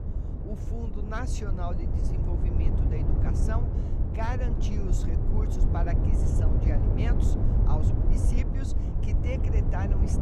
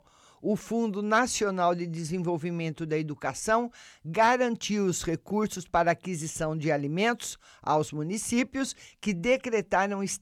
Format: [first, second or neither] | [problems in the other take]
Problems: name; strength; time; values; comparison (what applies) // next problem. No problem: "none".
second | wind noise on the microphone; heavy; as loud as the speech